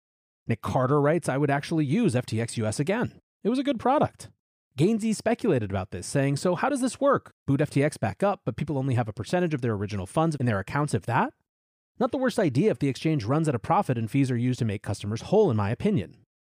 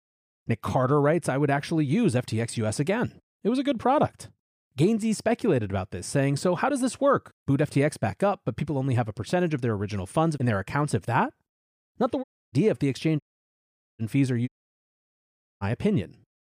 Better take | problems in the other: first | audio cutting out; at 12 s, at 13 s for 1 s and at 14 s for 1 s

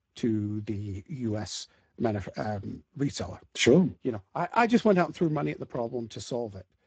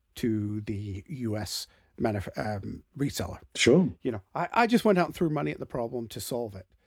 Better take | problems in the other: second | garbled, watery; badly; nothing above 7.5 kHz

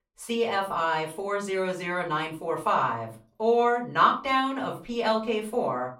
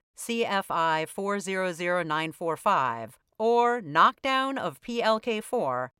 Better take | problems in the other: second | off-mic speech; far // room echo; very slight; dies away in 0.3 s

